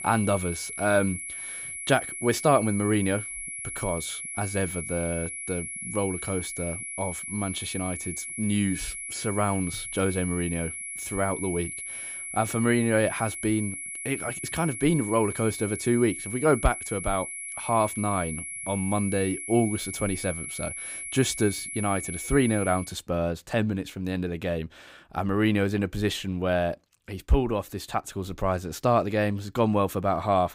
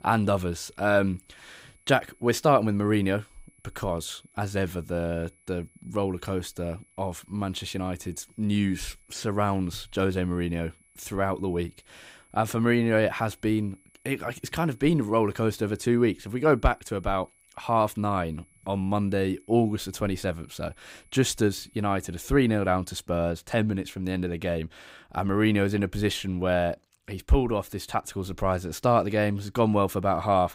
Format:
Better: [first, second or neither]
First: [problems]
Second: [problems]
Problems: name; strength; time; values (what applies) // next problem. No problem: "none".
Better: second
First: high-pitched whine; loud; until 23 s; 2 kHz, 6 dB below the speech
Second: high-pitched whine; faint; until 23 s; 2 kHz, 35 dB below the speech